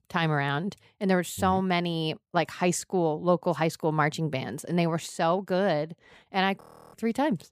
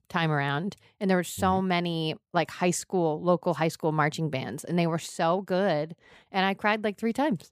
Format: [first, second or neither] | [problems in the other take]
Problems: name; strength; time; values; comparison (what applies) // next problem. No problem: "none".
second | audio freezing; at 6.5 s